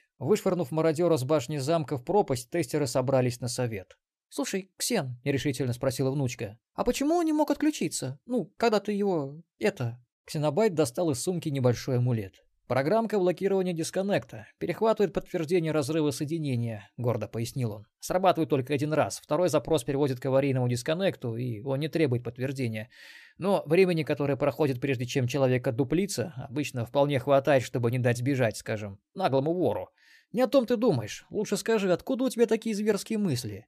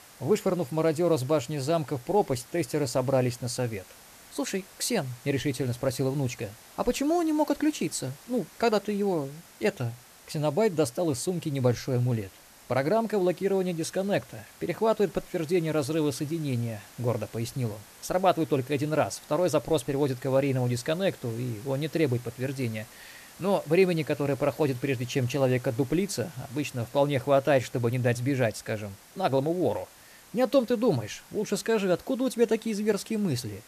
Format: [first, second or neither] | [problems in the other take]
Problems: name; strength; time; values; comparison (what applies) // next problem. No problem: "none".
first | hiss; faint; throughout; 20 dB below the speech